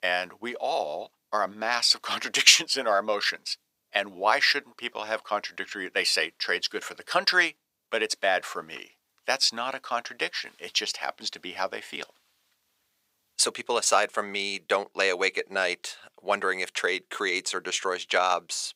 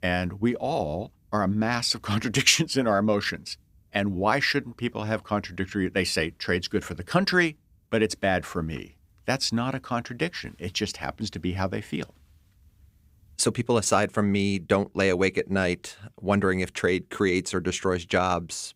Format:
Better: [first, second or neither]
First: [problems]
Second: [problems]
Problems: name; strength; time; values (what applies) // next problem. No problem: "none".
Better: second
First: thin; very; fading below 700 Hz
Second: none